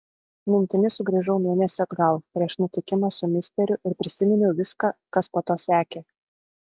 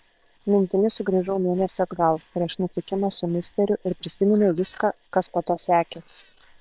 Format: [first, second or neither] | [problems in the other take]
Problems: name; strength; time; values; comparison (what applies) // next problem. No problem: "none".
first | noise reduction (neural separator model SepFormer WHAM!)